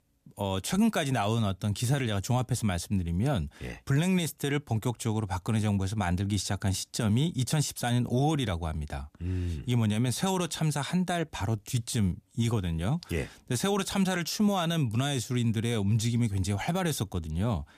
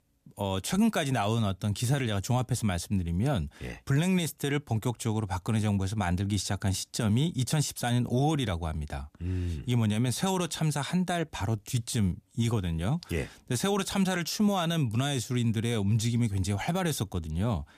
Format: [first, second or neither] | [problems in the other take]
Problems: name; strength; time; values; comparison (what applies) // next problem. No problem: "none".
neither | none